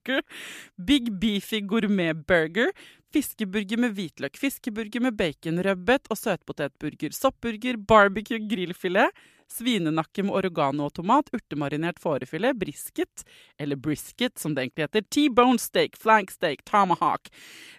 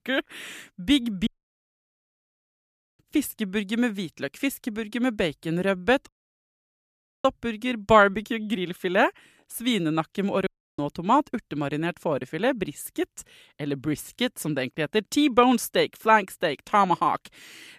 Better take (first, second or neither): first